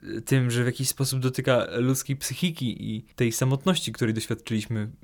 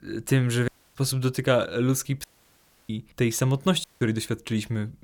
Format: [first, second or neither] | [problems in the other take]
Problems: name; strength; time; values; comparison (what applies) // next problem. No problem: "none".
first | audio cutting out; at 0.5 s, at 2 s for 0.5 s and at 4 s